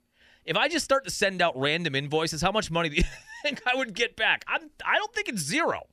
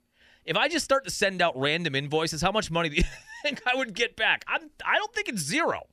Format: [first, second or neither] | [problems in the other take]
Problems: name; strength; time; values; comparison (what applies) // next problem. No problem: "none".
neither | none